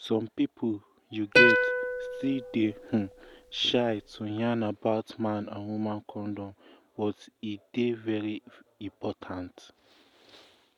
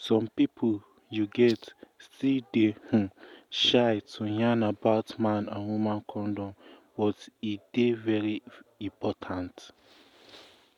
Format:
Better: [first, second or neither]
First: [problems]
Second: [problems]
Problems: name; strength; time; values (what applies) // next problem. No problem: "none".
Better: second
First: background sound (Plucked string instrument); 4 dB above the speech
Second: none